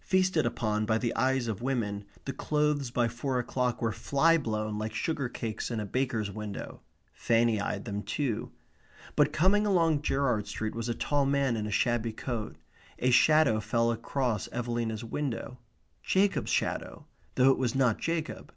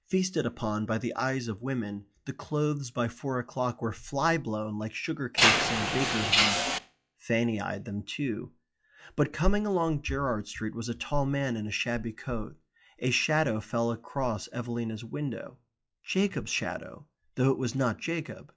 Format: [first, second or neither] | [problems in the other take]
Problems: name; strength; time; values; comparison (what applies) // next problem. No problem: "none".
first | noise reduction (classical method log-MMSE)